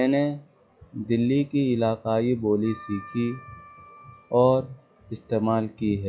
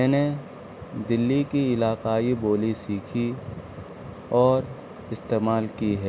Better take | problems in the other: second | noise reduction (classical method log-MMSE)

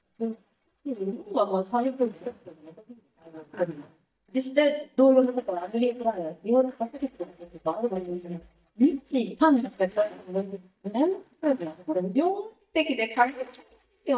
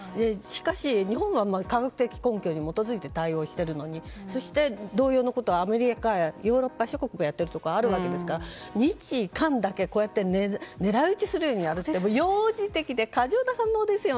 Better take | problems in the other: second | noise reduction (neural mask model DeepFilterNet 3)

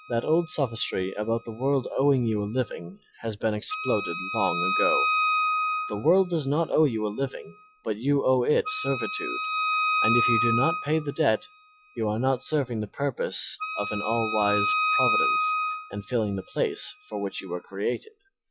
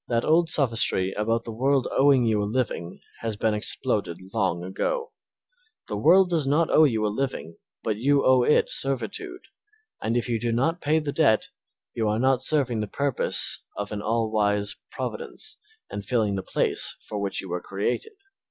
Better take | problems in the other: second | noise reduction (classical method log-MMSE)

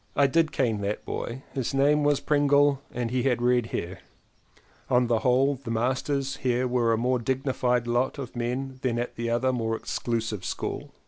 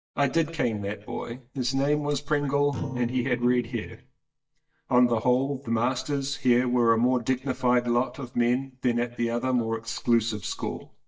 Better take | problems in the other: first | noise reduction (neural mask model DeepFilterNet 3)

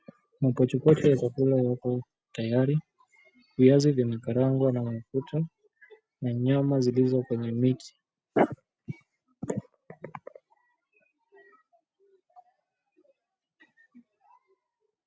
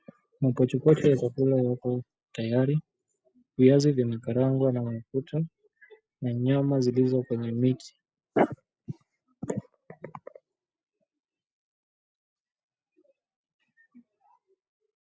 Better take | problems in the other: first | noise reduction (neural mask model Resemble Enhance denoiser)

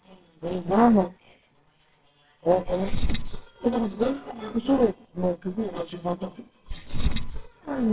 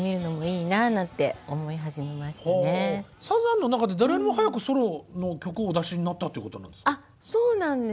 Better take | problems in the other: second | noise reduction (neural separator model SepFormer WHAMR!)

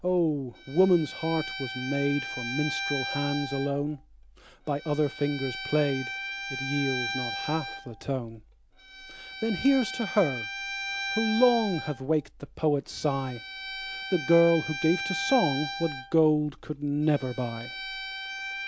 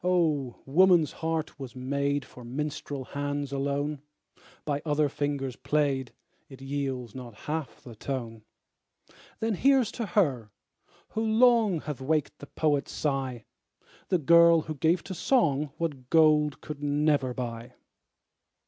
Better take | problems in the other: second | background sound (Bowed string instrument); 8 dB below the speech

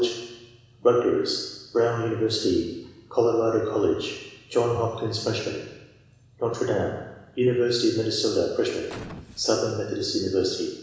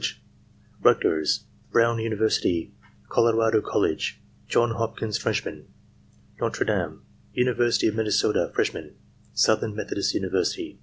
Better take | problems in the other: second | background sound (Boom); 17 dB below the speech // room echo; dies away in 1 s

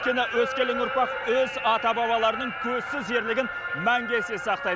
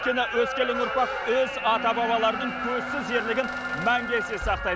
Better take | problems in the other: first | background sound (Squeak + Wind instrument, woodwind instrument); 11 dB below the speech

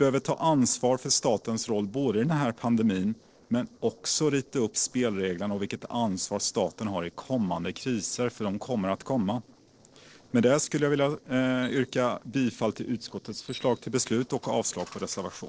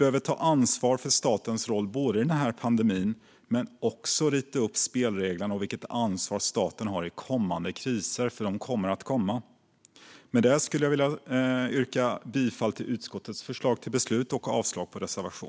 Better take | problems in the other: second | noise reduction (neural separator model SepFormer DNS4)

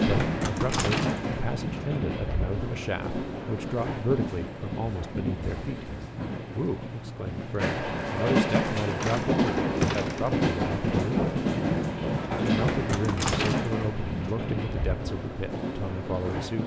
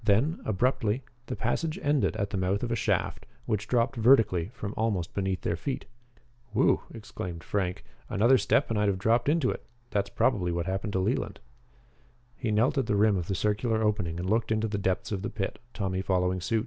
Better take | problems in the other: second | background sound (Train); 3 dB above the speech

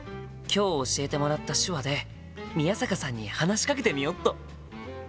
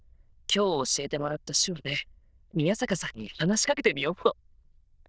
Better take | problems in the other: first | noise reduction (neural diffusion model UNIVERSE++)

